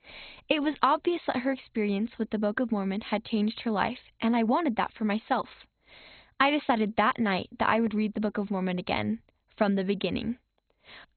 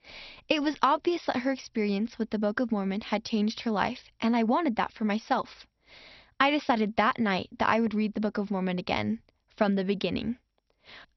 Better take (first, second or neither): second